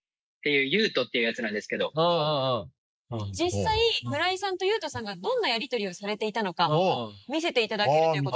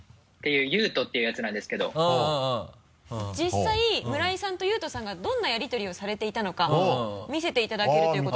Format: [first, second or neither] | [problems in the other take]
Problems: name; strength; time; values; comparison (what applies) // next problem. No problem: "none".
second | noise reduction (neural mask model Resemble Enhance denoiser)